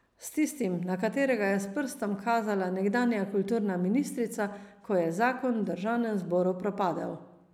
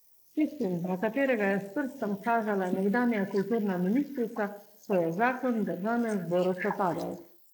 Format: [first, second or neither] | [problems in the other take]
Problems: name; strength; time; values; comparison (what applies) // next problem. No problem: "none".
first | noise reduction (neural mask model Resemble Enhance denoiser)